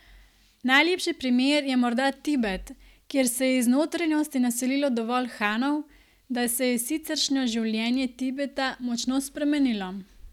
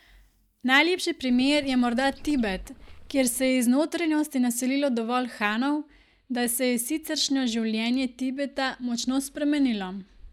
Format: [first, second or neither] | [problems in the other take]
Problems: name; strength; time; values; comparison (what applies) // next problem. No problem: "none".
first | noise reduction (neural mask model DeepFilterNet 3)